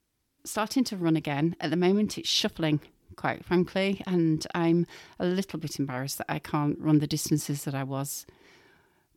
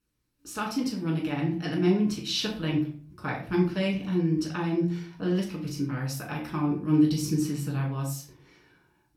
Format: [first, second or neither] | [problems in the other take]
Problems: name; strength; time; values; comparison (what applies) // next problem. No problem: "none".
first | off-mic speech; far // room echo; slight; dies away in 0.4 s